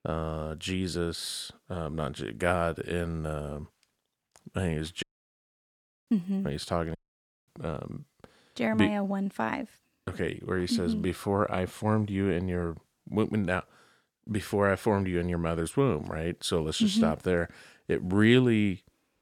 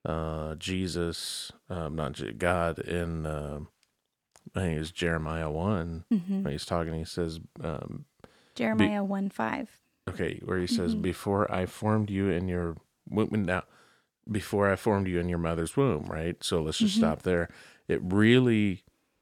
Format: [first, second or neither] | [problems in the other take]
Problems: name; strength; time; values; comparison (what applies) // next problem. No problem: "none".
second | audio cutting out; at 5 s for 1 s and at 7 s for 0.5 s